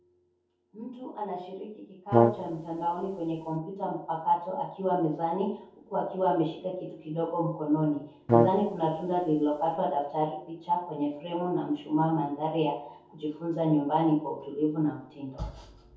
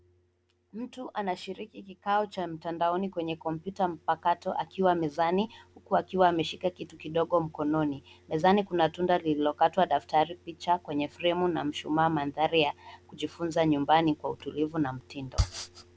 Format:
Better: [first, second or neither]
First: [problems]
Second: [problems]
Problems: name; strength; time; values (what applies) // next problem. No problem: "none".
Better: second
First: background sound (Brass instrument); 2 dB above the speech // room echo; dies away in 0.6 s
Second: none